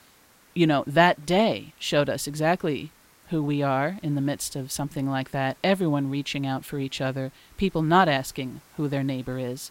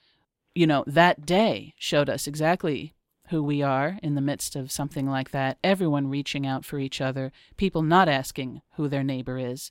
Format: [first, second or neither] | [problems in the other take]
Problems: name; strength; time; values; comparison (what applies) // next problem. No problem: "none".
second | hiss; faint; throughout; 30 dB below the speech